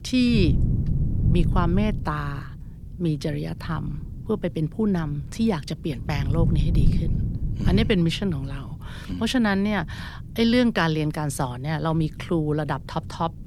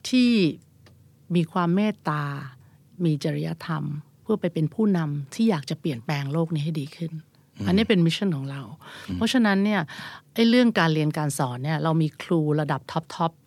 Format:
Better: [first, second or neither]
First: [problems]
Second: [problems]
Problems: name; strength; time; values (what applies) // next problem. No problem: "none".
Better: second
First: wind noise on the microphone; occasional gusts; 10 dB below the speech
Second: none